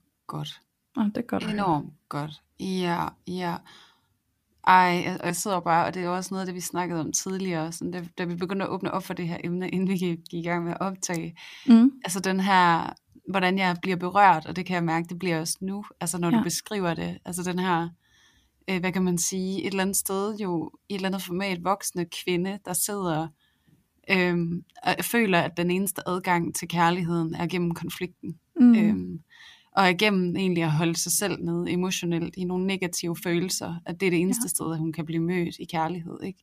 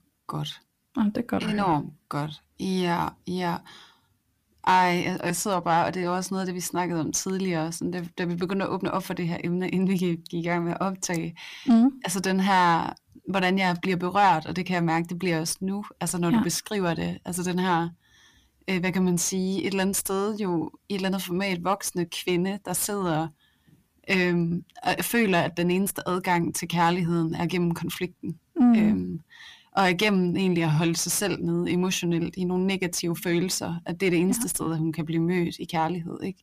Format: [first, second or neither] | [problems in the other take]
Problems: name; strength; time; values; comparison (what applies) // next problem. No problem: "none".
first | distortion; slight; 10 dB below the speech